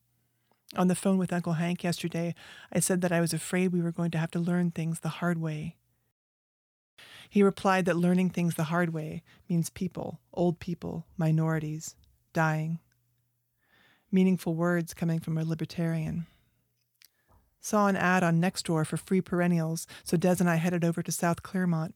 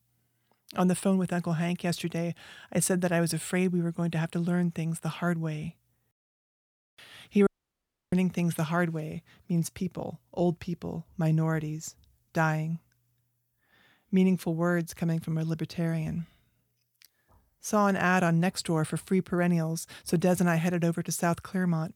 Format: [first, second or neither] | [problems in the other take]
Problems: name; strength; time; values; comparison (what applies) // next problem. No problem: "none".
first | audio cutting out; at 7.5 s for 0.5 s